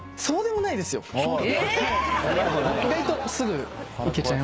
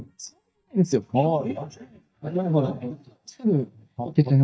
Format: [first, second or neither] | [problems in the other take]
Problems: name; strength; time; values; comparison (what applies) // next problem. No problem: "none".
first | noise reduction (neural mask model DeepFilterNet 3)